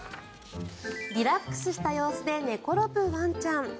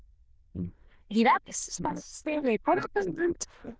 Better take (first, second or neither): first